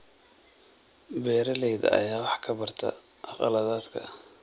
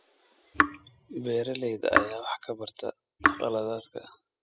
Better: first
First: none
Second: noise reduction (classical method spectral subtraction)

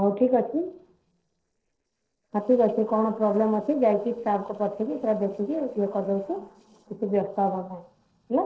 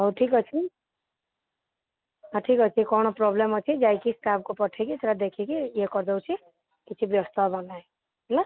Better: second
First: noise reduction (neural separator model SepFormer DNS4)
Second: none

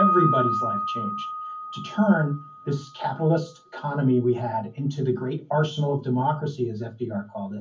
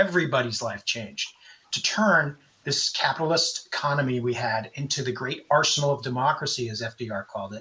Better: second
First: background sound (Piano); 6 dB below the speech // room echo; dies away in 0.3 s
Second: none

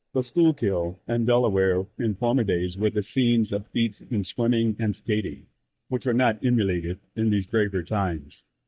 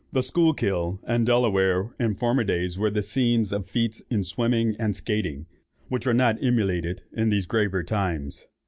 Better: second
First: noise reduction (neural mask model DeepFilterNet 3)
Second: none

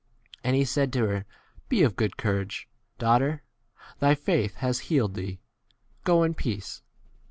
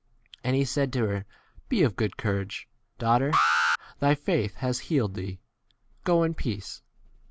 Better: first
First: none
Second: background sound (Alarm); as loud as the speech

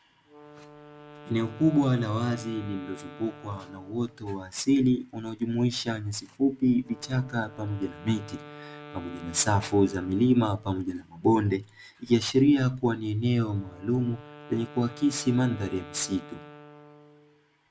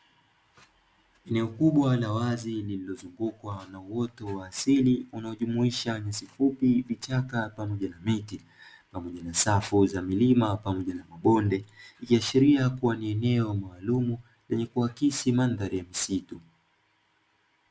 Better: second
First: background sound (Wind instrument, woodwind instrument); 20 dB below the speech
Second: none

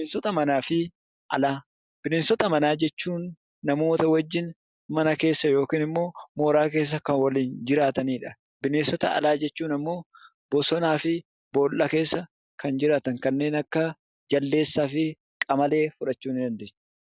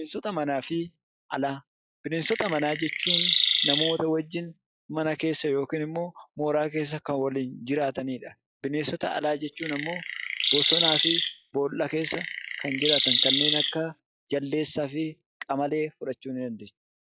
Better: first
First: none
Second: noise reduction (classical method log-MMSE)

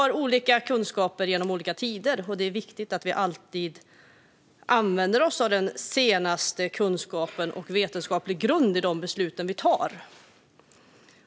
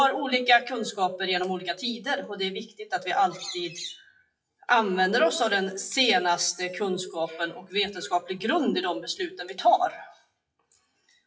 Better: first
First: none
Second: noise reduction (classical method WPE with log-MMSE)

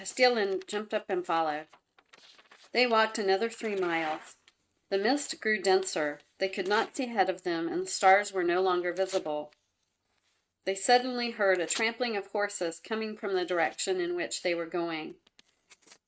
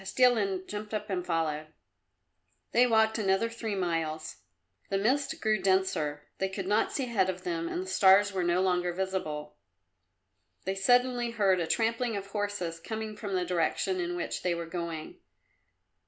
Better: second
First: noise reduction (neural mask model RNNoise)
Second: none

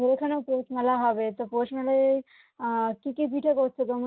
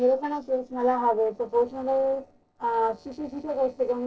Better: first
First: none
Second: noise reduction (neural separator model SepFormer DNS4)

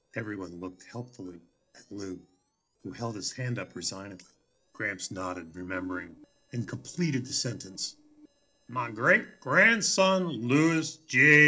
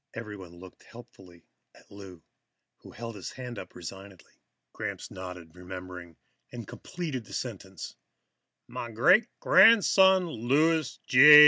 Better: second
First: noise reduction (neural separator model SepFormer DNS4)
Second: none

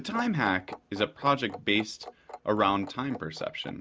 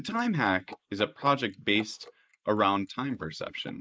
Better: first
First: none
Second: noise reduction (neural mask model Resemble Enhance denoiser)

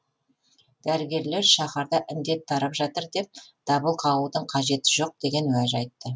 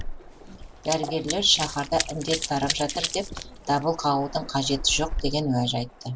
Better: first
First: none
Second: background sound (Run + Waves, surf); 7 dB below the speech

